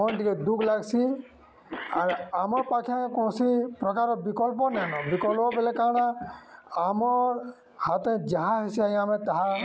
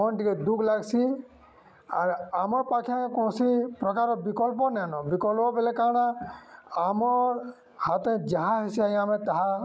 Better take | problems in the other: second | background sound (Cough); 17 dB below the speech

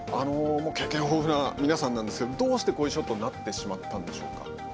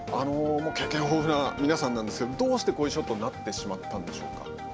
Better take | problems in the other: first | background sound (Wind instrument, woodwind instrument); 14 dB below the speech

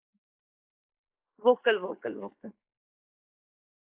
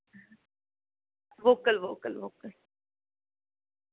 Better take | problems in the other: second | noise reduction (neural mask model Resemble Enhance denoiser)

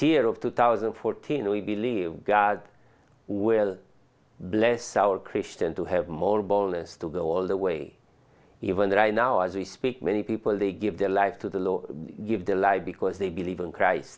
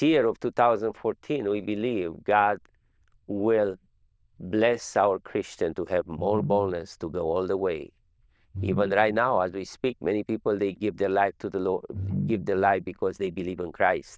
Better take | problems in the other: first | noise reduction (neural diffusion model UNIVERSE++)

